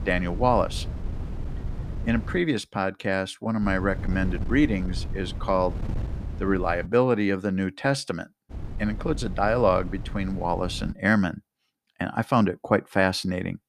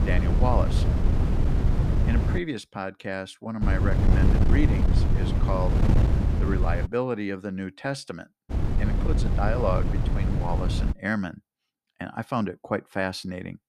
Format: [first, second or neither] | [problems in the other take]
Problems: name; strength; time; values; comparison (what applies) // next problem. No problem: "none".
first | wind noise on the microphone; heavy; until 2.5 s, from 3.5 to 7 s and from 8.5 to 11 s; 4 dB below the speech; occasional gusts in the first